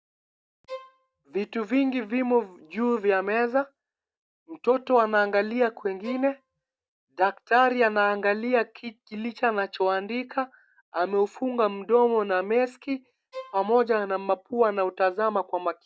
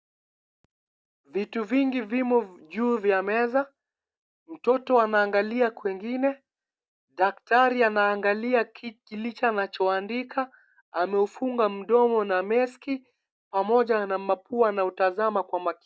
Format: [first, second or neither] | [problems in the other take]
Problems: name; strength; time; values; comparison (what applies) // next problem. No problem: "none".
second | background sound (Bowed string instrument); 19 dB below the speech